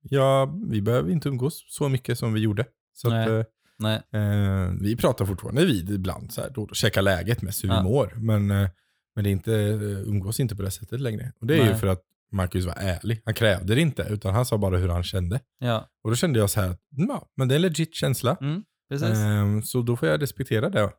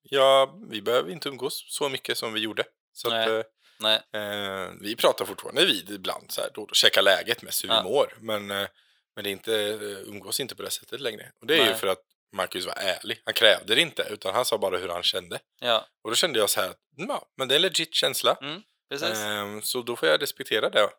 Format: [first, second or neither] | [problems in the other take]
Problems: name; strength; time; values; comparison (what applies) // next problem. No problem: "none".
first | thin; very; fading below 550 Hz